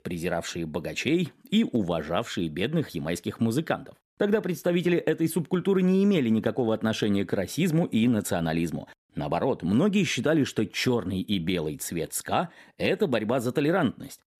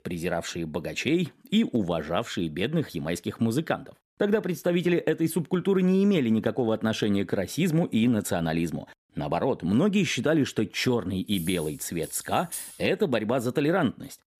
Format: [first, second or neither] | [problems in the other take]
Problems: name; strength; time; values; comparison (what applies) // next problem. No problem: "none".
first | jangling keys; noticeable; from 11 to 13 s; peak 9 dB below the speech